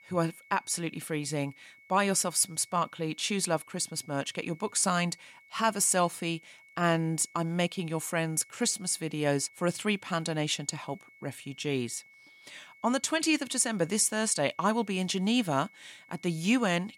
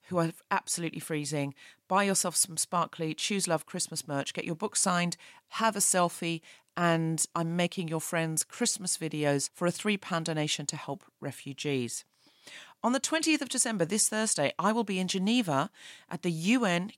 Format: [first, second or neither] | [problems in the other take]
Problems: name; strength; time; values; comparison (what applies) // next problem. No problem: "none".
second | high-pitched whine; faint; throughout; 2 kHz, 25 dB below the speech